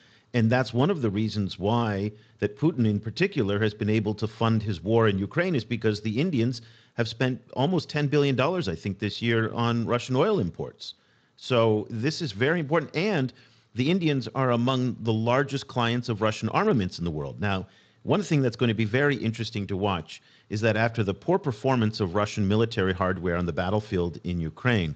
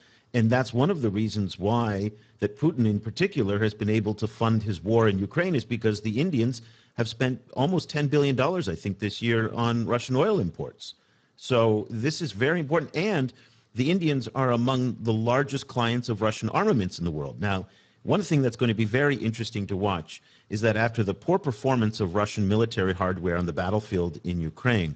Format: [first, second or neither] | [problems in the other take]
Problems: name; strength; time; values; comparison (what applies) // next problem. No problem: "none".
first | garbled, watery; badly; nothing above 7.5 kHz; slightly in the first